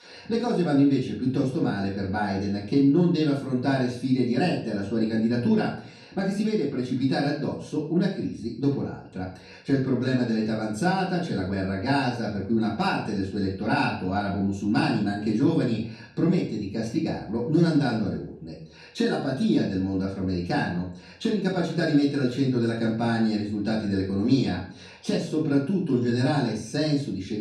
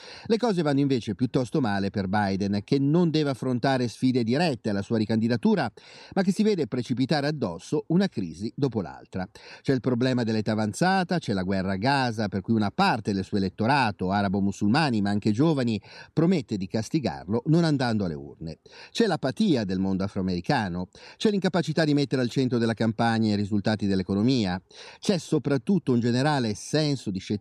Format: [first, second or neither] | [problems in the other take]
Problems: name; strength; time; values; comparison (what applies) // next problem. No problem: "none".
second | room echo; noticeable; dies away in 0.5 s // off-mic speech; far